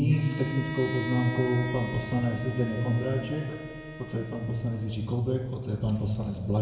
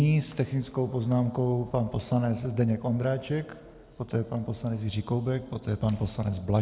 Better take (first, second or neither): second